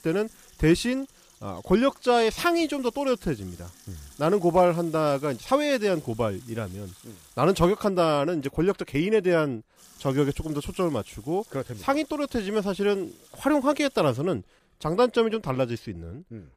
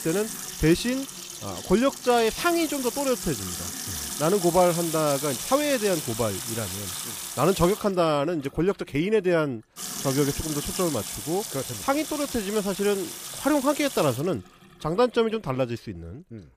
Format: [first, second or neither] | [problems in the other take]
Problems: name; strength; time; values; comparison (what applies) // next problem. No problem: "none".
first | household noises; loud; throughout; 7 dB below the speech; faint in the first